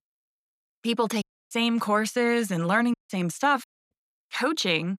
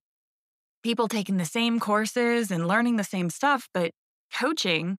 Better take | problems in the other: second | audio cutting out; at 1 s, at 3 s and at 3.5 s

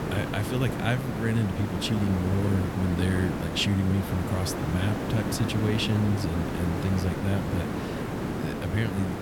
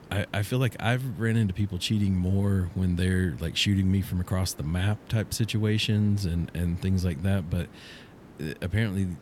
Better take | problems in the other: second | hiss; loud; throughout; 3 dB below the speech; faint in the second

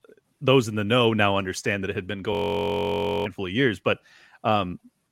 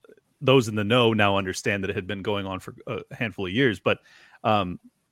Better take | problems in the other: second | audio freezing; at 2.5 s for 1 s

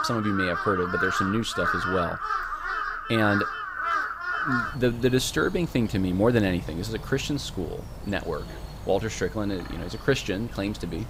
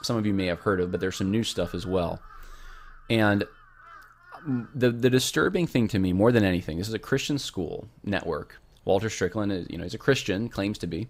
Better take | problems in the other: second | animal sounds; loud; throughout; 4 dB below the speech; faint in the second

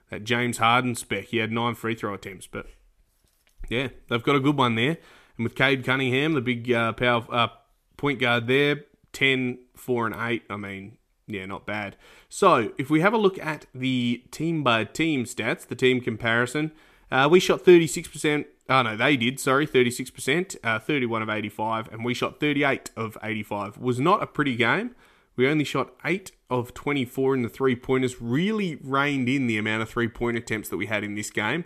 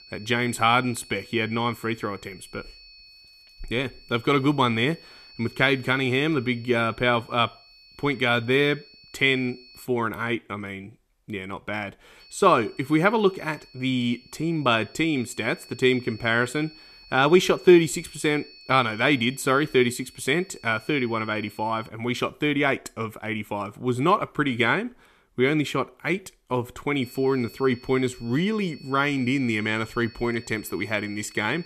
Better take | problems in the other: first | high-pitched whine; faint; until 10 s, from 12 to 22 s and from 27 s on; 4.5 kHz, 25 dB below the speech

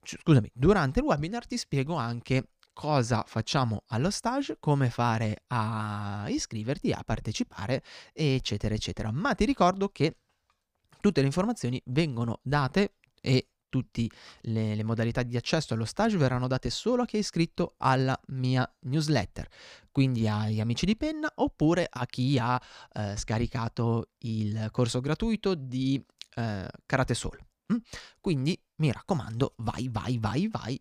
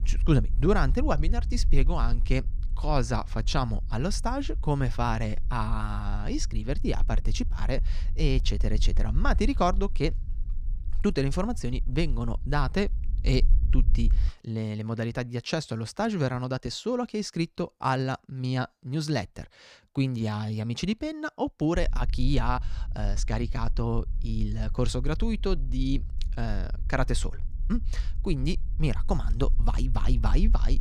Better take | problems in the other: first | low rumble; faint; until 14 s and from 22 s on; 20 dB below the speech

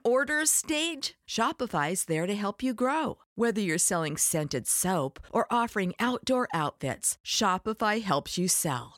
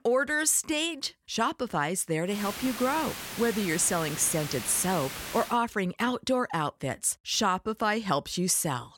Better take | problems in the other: first | hiss; loud; from 2.5 to 5.5 s; 9 dB below the speech

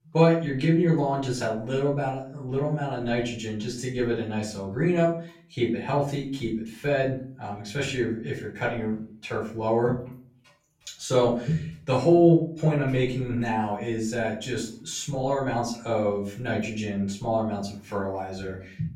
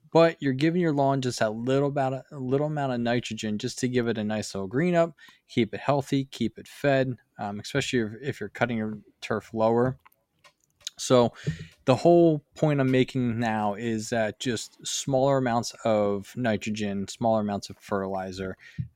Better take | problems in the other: second | room echo; slight; dies away in 0.4 s // off-mic speech; far

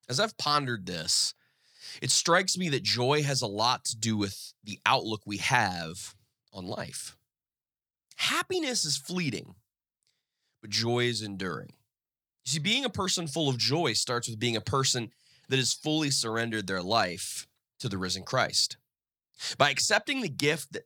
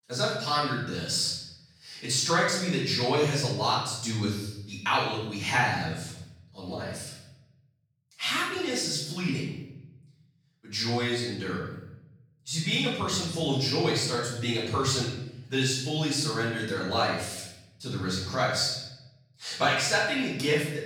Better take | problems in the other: first | room echo; noticeable; dies away in 0.9 s // off-mic speech; far

